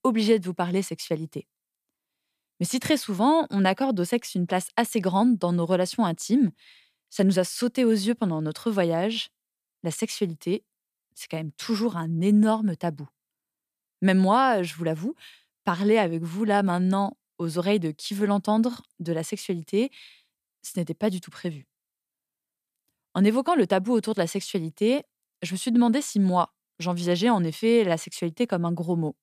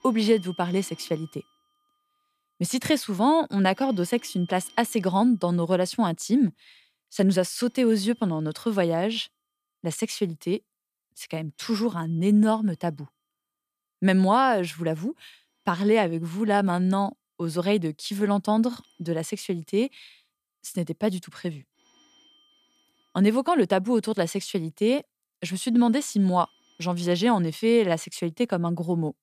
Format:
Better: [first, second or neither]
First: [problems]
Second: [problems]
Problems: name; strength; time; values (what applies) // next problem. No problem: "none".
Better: first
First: none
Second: alarms or sirens; faint; throughout; 30 dB below the speech